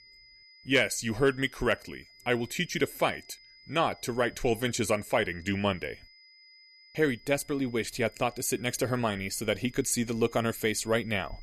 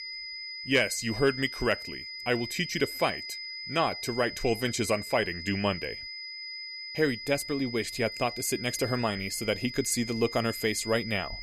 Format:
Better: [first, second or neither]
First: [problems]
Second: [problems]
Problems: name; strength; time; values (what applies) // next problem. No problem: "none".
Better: first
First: high-pitched whine; faint; throughout; 2 kHz, 25 dB below the speech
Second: high-pitched whine; loud; throughout; 2 kHz, 8 dB below the speech